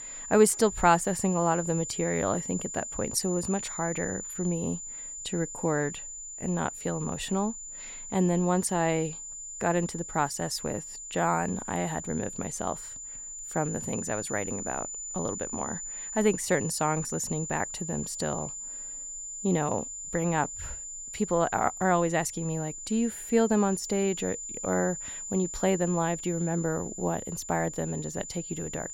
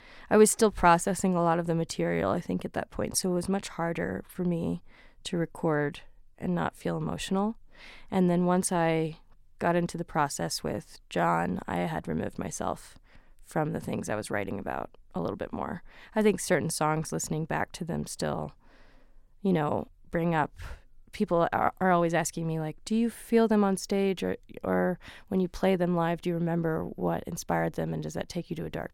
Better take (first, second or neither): second